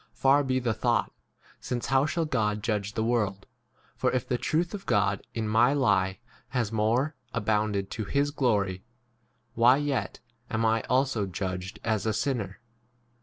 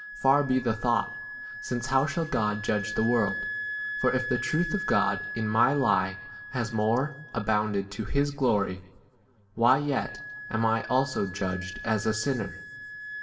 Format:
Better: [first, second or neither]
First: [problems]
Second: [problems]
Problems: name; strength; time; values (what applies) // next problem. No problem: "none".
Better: first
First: none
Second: background sound (Wind instrument, woodwind instrument); 10 dB below the speech // room echo; dies away in 1.1 s